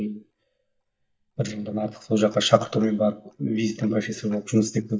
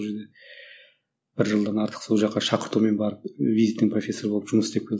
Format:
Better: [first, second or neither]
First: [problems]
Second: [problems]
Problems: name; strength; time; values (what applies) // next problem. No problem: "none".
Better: second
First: noise reduction (neural mask model DeepFilterNet 3)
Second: none